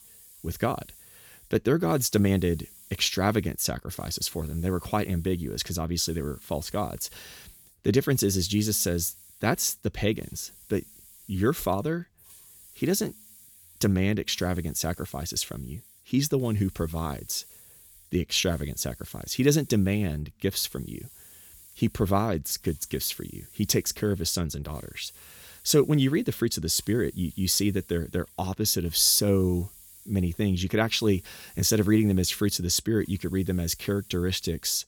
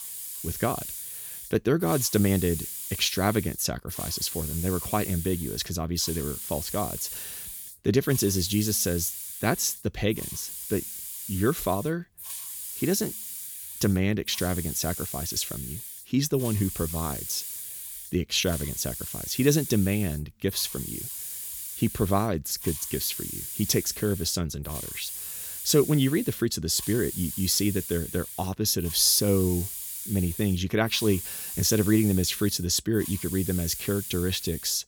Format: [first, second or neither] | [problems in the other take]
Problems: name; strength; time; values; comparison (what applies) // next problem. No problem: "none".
first | hiss; loud; throughout; 8 dB below the speech; faint in the first